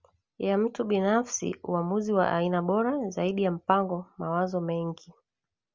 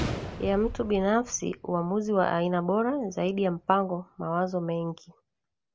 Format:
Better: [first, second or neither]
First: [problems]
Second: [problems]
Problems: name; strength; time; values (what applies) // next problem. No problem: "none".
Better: first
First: none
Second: background sound (Gunshot, gunfire); 13 dB below the speech